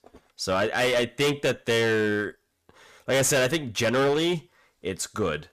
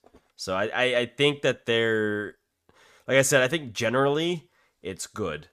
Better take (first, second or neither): second